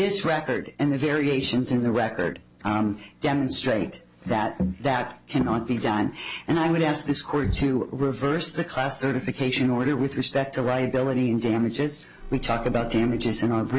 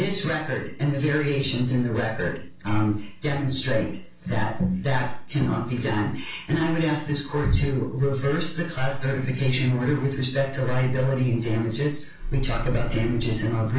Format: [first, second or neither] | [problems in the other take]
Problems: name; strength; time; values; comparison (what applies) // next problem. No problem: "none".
first | room echo; dies away in 0.3 s